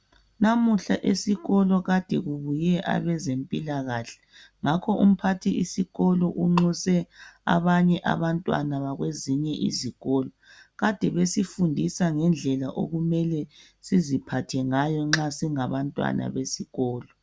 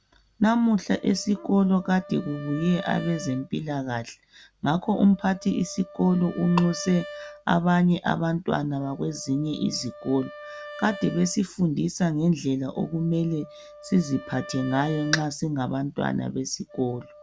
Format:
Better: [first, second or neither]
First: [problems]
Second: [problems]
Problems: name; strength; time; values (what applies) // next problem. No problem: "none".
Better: first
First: none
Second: background sound (Wind instrument, woodwind instrument); 19 dB below the speech